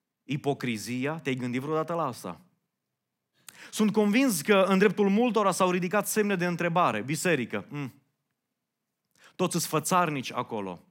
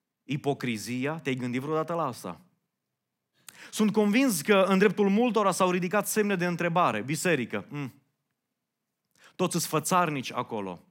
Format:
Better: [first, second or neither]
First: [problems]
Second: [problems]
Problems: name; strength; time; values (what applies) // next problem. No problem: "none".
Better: neither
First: none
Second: none